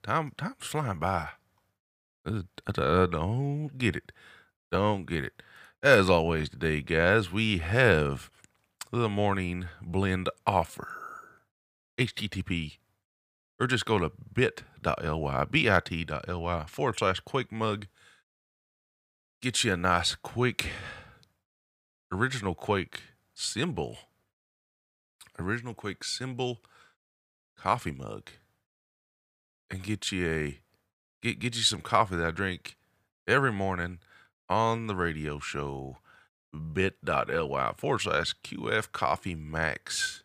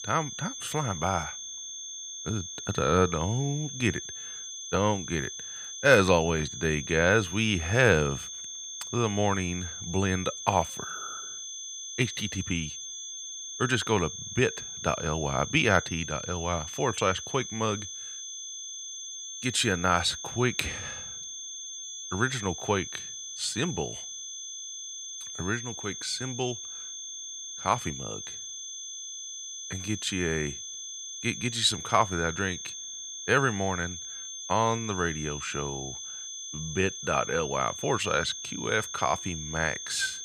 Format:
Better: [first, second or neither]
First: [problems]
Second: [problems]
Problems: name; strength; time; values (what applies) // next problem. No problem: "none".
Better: first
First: none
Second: high-pitched whine; loud; throughout; 6.5 kHz, 8 dB below the speech